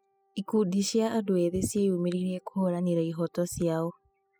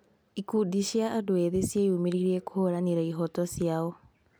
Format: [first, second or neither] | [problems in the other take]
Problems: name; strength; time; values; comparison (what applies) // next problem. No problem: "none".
second | noise reduction (classical method spectral subtraction)